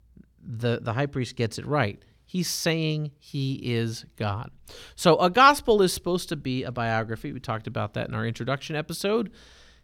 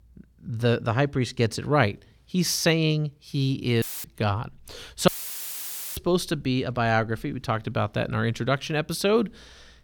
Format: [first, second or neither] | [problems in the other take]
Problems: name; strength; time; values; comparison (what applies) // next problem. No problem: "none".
first | audio cutting out; filled with static; at 4 s and at 5 s for 1 s